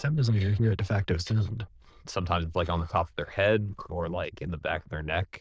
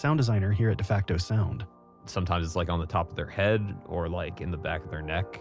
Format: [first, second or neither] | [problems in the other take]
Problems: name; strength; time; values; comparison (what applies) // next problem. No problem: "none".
second | noise reduction (neural diffusion model UNIVERSE++)